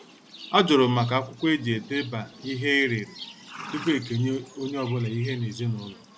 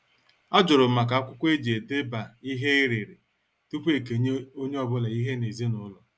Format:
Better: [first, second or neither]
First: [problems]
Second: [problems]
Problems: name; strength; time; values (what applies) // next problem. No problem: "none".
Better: second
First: background sound (Livestock, farm animals, working animals); 17 dB below the speech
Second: none